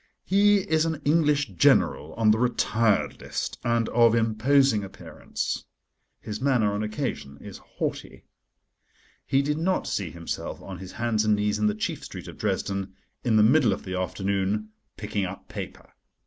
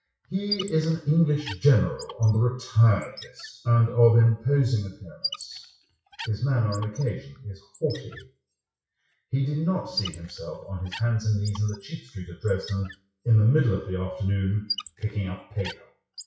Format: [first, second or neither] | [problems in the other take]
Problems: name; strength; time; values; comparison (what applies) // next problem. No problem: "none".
first | noise reduction (classical method WPE with log-MMSE)